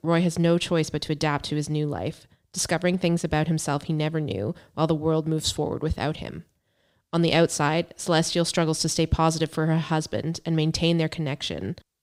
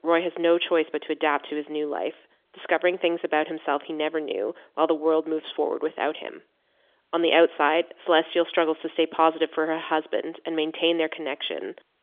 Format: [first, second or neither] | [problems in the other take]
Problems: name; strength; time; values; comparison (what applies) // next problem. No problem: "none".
first | phone-call audio; nothing above 3.5 kHz